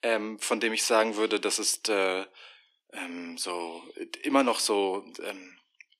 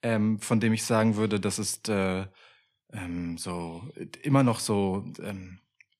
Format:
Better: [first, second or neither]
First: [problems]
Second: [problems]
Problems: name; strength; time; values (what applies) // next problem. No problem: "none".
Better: second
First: thin; somewhat; fading below 300 Hz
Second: none